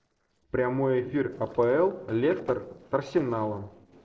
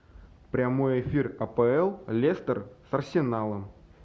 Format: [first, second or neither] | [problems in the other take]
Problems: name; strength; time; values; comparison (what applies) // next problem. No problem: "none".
second | noise reduction (neural separator model SepFormer DNS4)